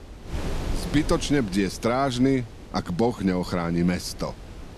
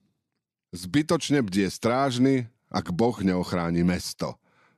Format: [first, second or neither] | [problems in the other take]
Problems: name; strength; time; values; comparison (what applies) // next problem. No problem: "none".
second | wind noise on the microphone; occasional gusts; 15 dB below the speech